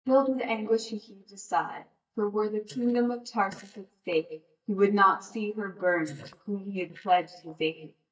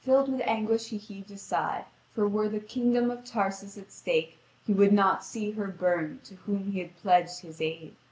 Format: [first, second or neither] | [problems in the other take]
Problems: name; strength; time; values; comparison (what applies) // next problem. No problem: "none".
second | noise reduction (neural mask model DeepFilterNet 3)